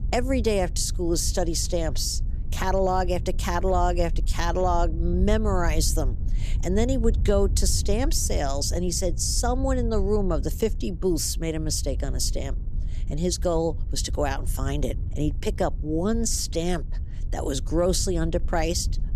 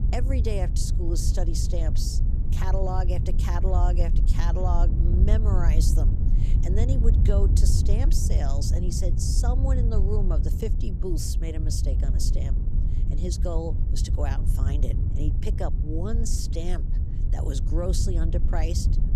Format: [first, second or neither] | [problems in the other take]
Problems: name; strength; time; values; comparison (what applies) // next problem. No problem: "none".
first | wind noise on the microphone; heavy; 6 dB below the speech; occasional gusts in the first